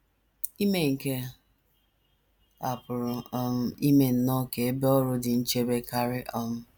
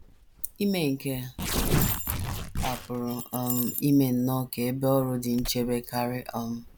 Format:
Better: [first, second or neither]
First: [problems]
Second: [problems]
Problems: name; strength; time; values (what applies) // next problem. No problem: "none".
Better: first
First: none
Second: background sound (Tearing + Keys jangling); 5 dB below the speech